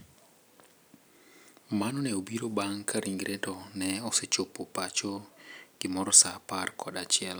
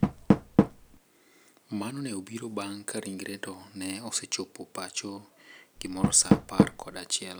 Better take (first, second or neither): first